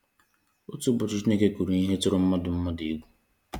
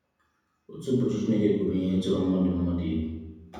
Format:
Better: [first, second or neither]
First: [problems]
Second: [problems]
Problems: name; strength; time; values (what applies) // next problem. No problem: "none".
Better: first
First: none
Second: room echo; dies away in 1.1 s